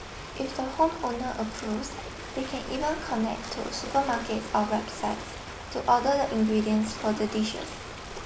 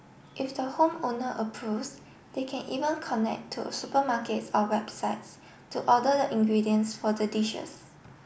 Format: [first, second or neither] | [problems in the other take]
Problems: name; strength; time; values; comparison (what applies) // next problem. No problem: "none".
second | background sound (Ocean); 10 dB below the speech